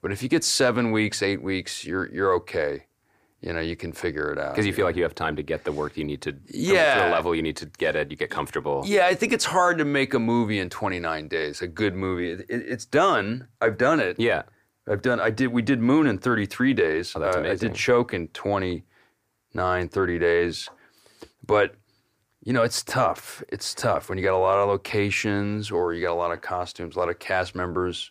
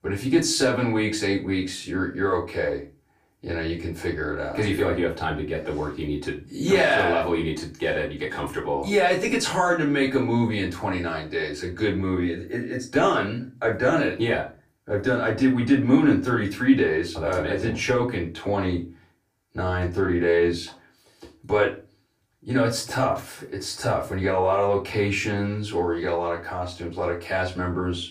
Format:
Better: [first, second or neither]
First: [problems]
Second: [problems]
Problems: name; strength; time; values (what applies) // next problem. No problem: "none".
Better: first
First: none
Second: off-mic speech; far // room echo; slight; dies away in 0.3 s